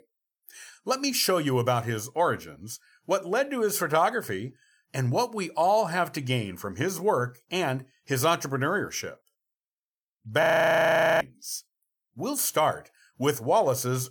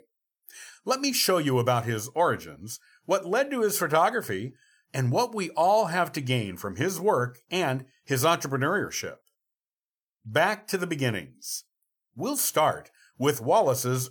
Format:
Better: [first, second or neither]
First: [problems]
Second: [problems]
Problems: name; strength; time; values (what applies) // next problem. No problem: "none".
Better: second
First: audio freezing; at 10 s for 1 s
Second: none